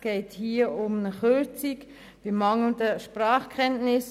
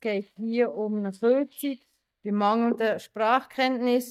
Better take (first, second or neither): first